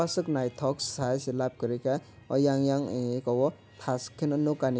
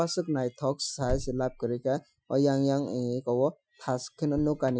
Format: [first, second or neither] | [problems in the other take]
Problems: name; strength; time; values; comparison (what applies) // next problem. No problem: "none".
first | noise reduction (classical method Wiener filter)